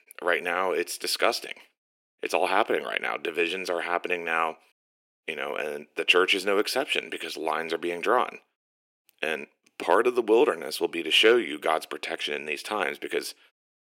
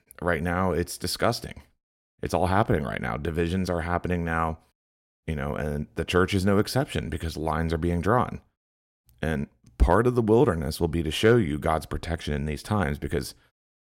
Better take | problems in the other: second | thin; very; fading below 350 Hz

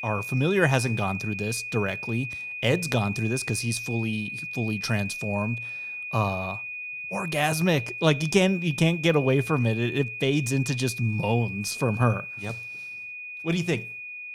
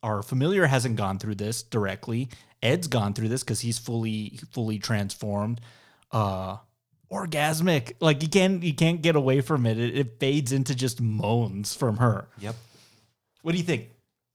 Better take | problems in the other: second | high-pitched whine; loud; throughout; 2.5 kHz, 7 dB below the speech

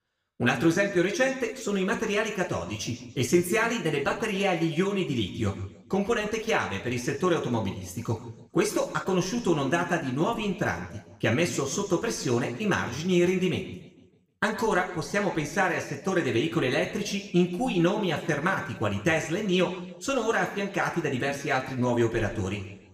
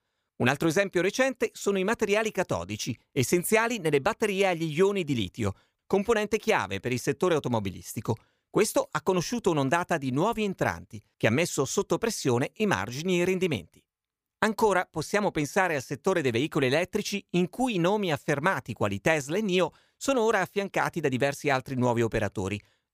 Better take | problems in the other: second | room echo; slight; dies away in 0.9 s // off-mic speech; somewhat distant

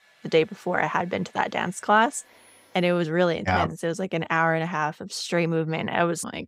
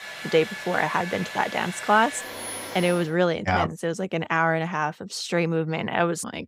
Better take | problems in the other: first | household noises; loud; until 3 s; 9 dB below the speech; faint in the first

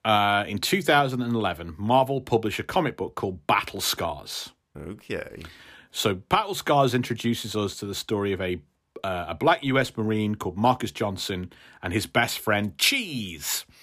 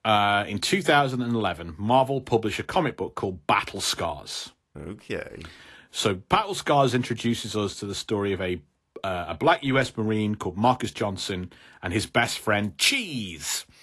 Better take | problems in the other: first | garbled, watery; slightly; nothing above 12 kHz

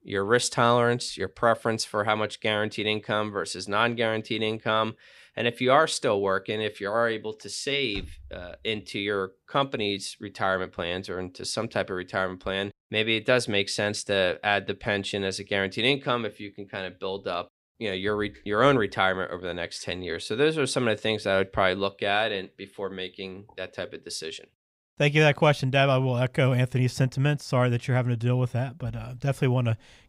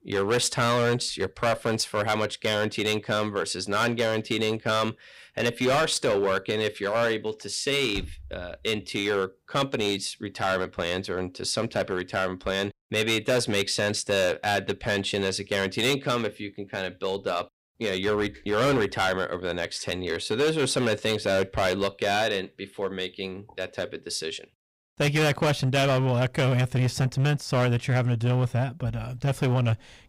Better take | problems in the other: first | distortion; heavy; 9% of the sound clipped

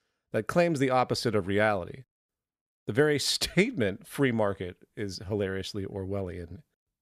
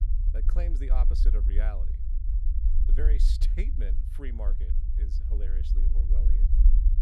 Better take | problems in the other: first | low rumble; loud; throughout; 5 dB below the speech

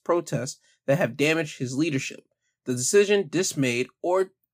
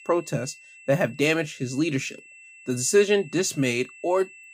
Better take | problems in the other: first | high-pitched whine; faint; throughout; 2.5 kHz, 20 dB below the speech

